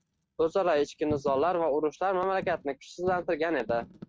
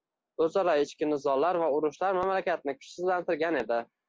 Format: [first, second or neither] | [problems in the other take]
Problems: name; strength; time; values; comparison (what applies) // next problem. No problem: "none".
second | noise reduction (neural mask model RNNoise)